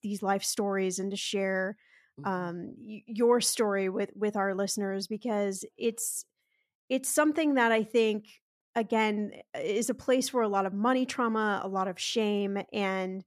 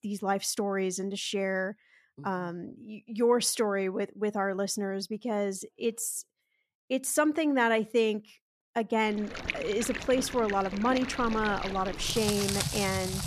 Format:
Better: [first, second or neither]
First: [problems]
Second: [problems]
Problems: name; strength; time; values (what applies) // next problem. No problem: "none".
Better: first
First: none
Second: rain or running water; loud; from 9.5 s on; 5 dB below the speech